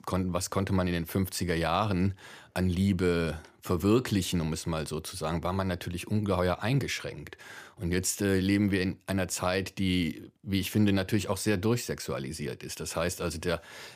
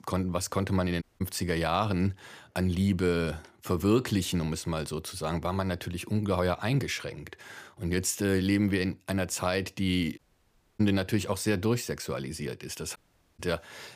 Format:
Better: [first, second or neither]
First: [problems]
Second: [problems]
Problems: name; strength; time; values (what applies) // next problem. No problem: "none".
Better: first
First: none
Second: audio cutting out; at 1 s, at 10 s for 0.5 s and at 13 s